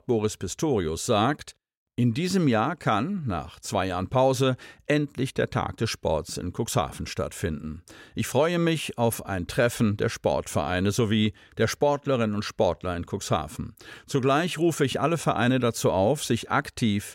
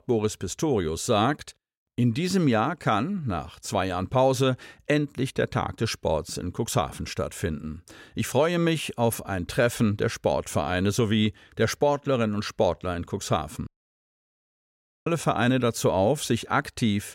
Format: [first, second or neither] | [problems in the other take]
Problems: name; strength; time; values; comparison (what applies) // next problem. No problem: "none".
first | audio cutting out; at 14 s for 1.5 s